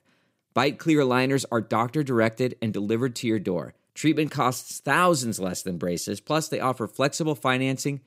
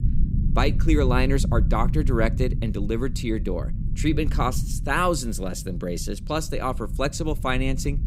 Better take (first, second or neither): first